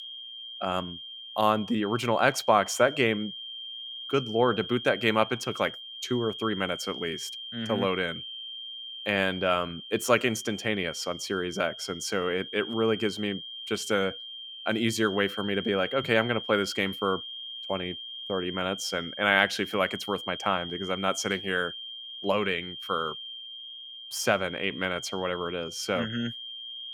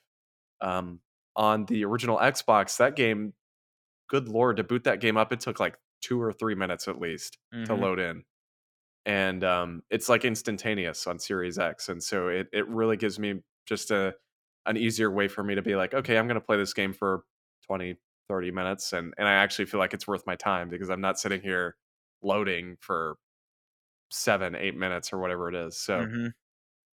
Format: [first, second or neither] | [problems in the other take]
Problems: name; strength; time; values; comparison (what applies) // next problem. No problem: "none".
second | high-pitched whine; loud; throughout; 3 kHz, 9 dB below the speech